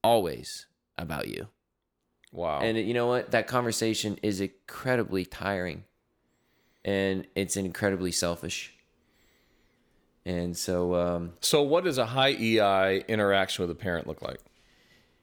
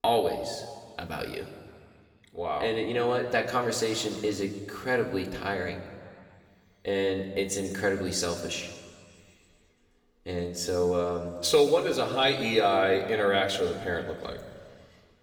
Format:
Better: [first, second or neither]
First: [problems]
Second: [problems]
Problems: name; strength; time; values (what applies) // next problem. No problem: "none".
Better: first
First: none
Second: room echo; slight; dies away in 1.8 s // off-mic speech; somewhat distant